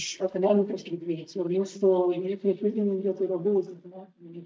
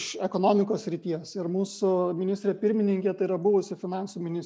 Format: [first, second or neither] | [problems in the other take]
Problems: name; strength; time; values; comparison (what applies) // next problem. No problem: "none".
second | noise reduction (neural mask model DeepFilterNet 3)